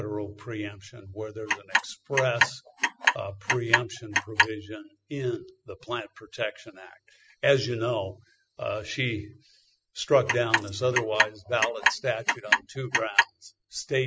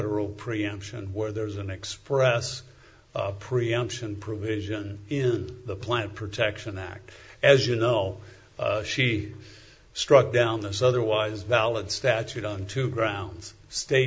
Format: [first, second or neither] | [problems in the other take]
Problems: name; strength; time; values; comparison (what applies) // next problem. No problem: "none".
second | noise reduction (classical method spectral subtraction)